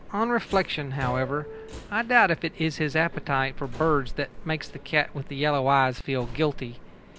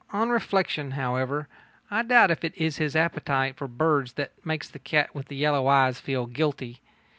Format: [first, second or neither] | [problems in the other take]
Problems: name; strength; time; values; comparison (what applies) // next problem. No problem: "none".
second | background sound (Subway, metro, underground); 12 dB below the speech